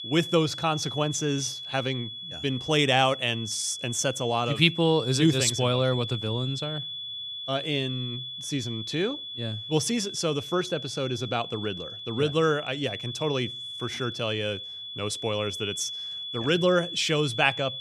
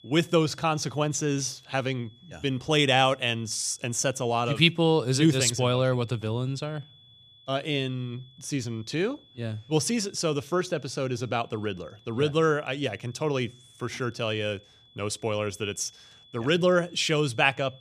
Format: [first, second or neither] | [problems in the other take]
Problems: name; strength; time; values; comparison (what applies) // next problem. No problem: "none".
second | high-pitched whine; loud; throughout; 3.5 kHz, 7 dB below the speech; faint in the second